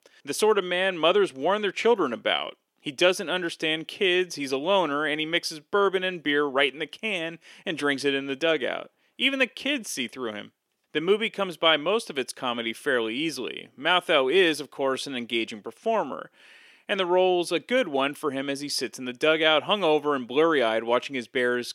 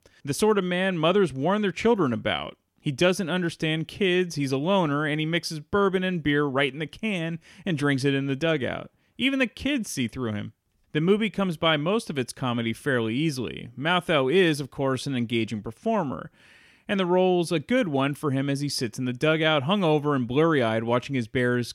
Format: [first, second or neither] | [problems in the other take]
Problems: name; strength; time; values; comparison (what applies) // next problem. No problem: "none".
second | thin; somewhat; fading below 400 Hz